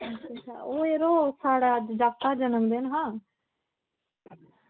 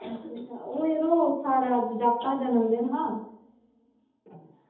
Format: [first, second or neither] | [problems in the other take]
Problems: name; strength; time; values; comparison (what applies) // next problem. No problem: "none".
first | room echo; dies away in 0.8 s